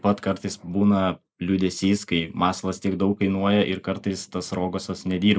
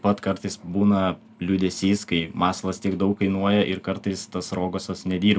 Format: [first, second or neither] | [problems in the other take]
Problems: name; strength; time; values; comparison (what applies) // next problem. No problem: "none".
second | noise reduction (neural mask model Resemble Enhance denoiser)